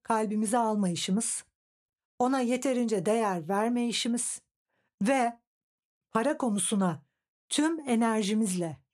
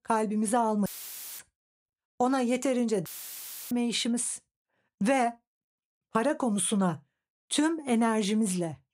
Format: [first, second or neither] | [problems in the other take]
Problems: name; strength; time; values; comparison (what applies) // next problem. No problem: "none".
first | audio cutting out; filled with static; at 1 s for 0.5 s and at 3 s for 0.5 s